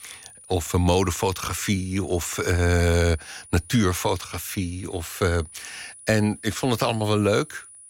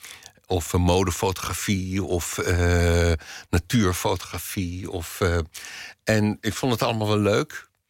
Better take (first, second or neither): second